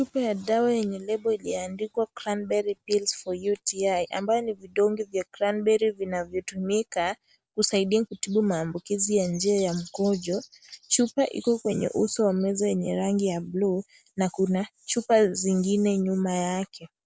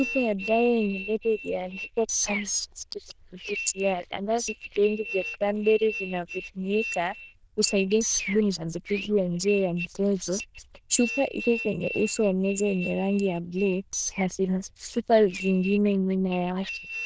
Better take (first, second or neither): first